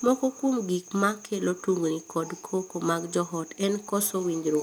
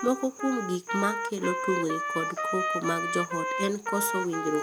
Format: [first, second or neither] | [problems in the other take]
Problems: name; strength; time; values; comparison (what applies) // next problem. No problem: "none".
first | background sound (Trumpet); 2 dB below the speech